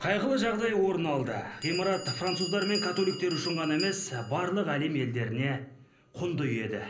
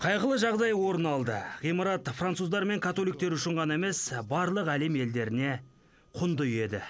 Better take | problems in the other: second | background sound (Bell); 13 dB below the speech // room echo; dies away in 0.5 s

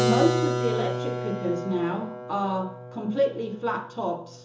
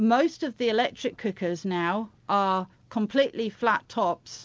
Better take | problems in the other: second | background sound (Keyboard (musical)); 2 dB below the speech // room echo; dies away in 0.6 s

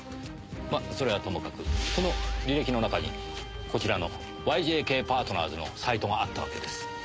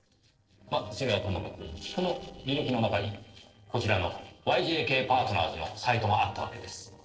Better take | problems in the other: first | noise reduction (neural separator model SepFormer DNS4)

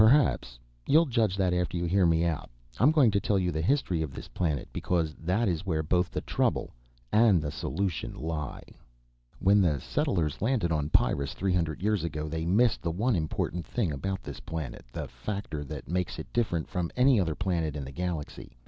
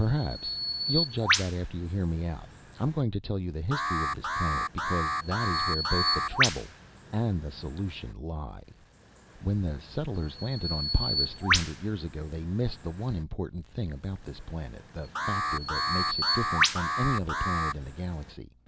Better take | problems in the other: first | background sound (Bird vocalization, bird call, bird song + Alarm); as loud as the speech

